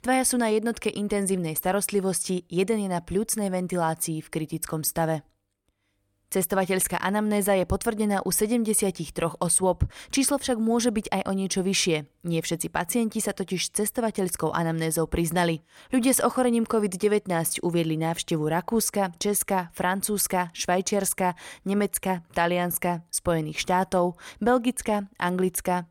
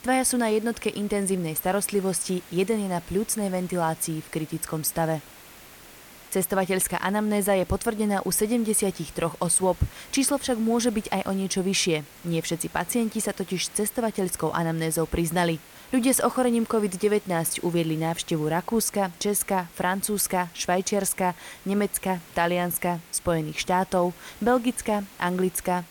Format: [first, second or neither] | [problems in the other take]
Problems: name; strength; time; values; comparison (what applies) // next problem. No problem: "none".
first | hiss; faint; throughout; 20 dB below the speech